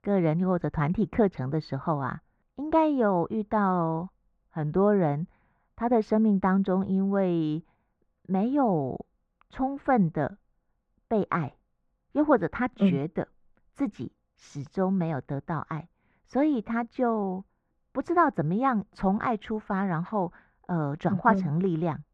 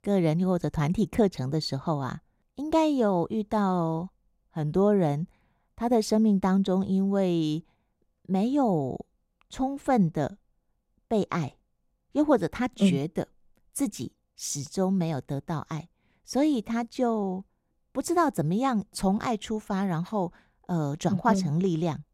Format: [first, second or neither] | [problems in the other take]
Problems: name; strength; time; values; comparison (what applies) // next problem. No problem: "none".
second | muffled; very; fading above 2 kHz